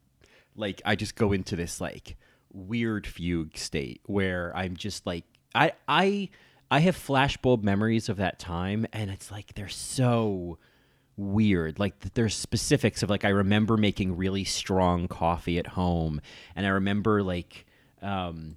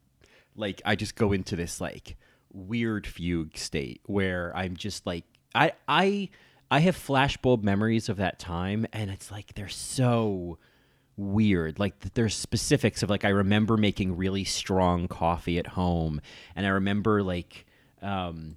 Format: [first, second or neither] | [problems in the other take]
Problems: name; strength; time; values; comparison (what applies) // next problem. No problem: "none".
neither | none